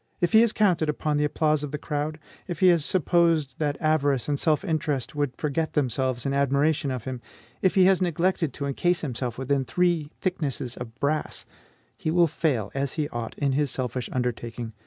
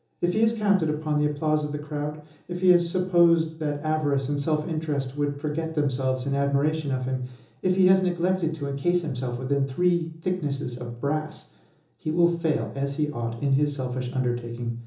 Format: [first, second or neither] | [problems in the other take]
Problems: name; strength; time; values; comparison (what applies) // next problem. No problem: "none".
first | room echo; dies away in 1.2 s